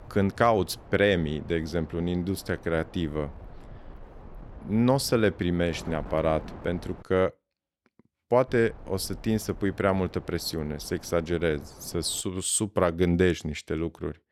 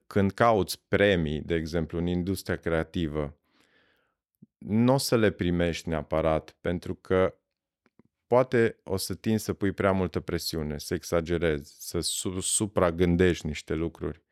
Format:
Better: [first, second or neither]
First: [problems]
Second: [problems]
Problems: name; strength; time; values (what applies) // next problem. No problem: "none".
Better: second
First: wind noise on the microphone; occasional gusts; until 7 s and from 8.5 to 12 s; 20 dB below the speech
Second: none